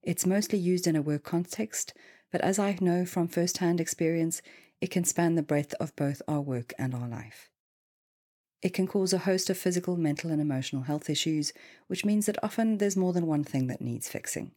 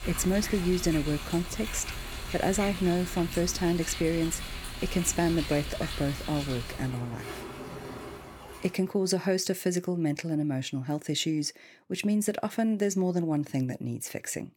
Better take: first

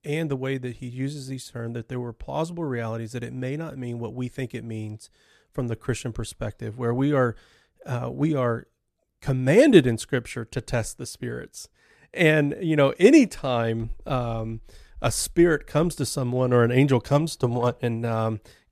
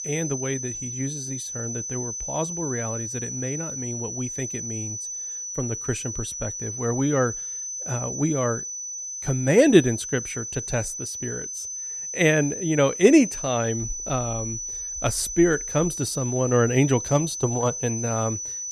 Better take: first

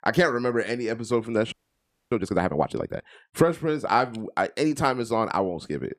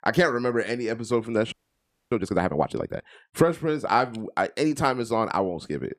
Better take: neither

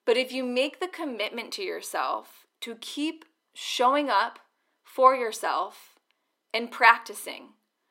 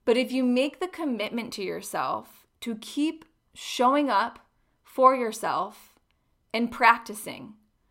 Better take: second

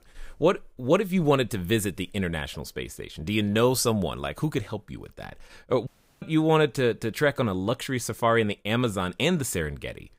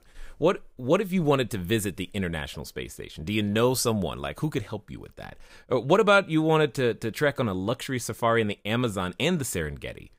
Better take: second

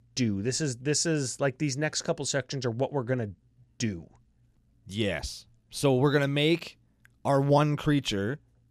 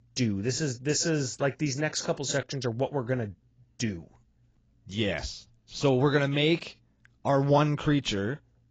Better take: first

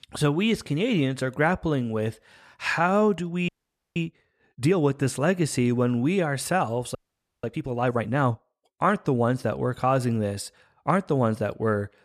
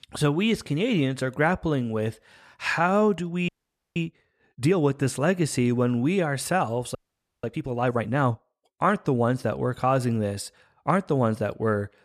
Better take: neither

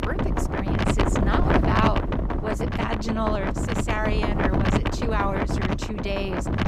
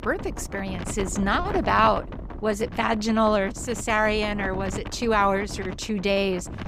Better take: second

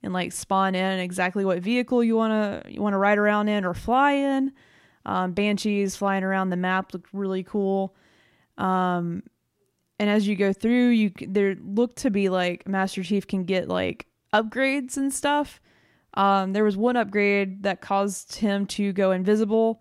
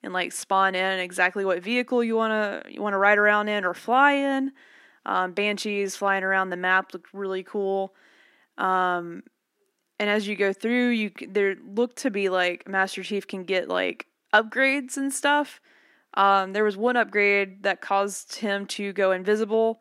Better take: first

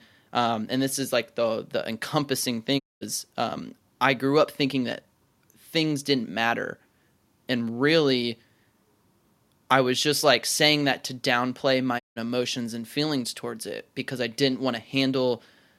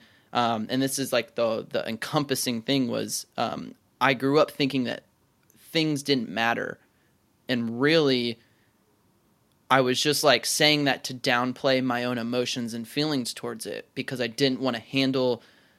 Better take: second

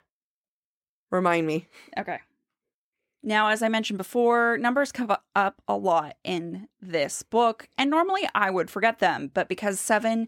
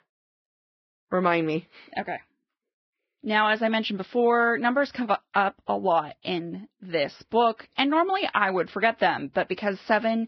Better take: first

